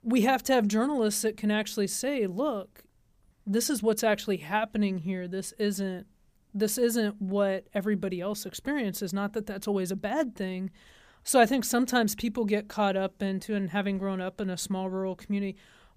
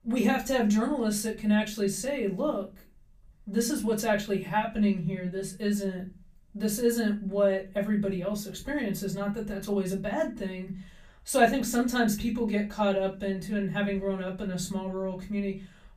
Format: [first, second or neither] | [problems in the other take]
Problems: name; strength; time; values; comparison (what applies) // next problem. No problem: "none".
first | off-mic speech; far // room echo; very slight; dies away in 0.5 s